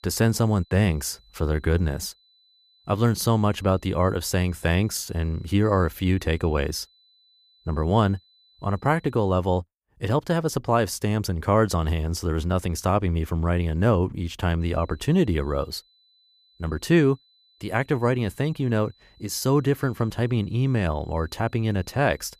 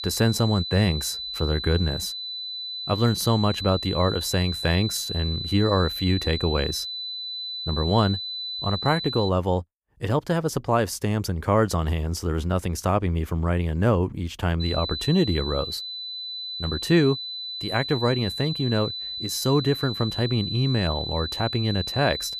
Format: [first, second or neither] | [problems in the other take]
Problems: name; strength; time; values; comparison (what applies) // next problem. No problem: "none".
first | high-pitched whine; loud; until 9.5 s and from 15 s on; 4 kHz, 5 dB below the speech; faint in the first